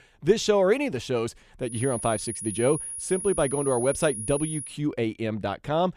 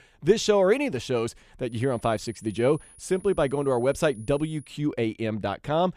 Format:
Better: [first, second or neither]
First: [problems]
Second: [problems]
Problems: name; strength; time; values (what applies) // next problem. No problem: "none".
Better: second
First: high-pitched whine; loud; from 1.5 to 4.5 s; 10.5 kHz, 6 dB below the speech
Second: high-pitched whine; faint; from 1.5 to 4.5 s; 10.5 kHz, 25 dB below the speech